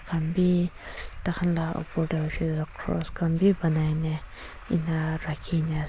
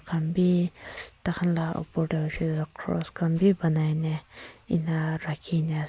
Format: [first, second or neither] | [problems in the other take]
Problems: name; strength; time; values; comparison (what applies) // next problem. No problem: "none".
second | background sound (Truck); 13 dB below the speech